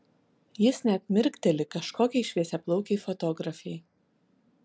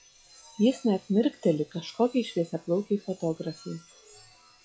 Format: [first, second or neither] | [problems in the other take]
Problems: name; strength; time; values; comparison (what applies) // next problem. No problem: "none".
first | noise reduction (classical method log-MMSE)